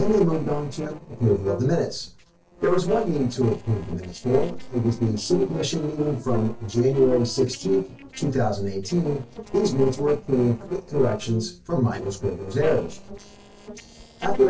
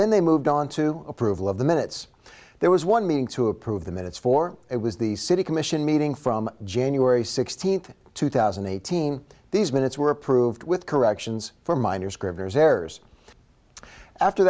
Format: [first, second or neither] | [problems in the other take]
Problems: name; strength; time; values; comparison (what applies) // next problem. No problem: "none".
second | noise reduction (neural separator model SepFormer DNS4)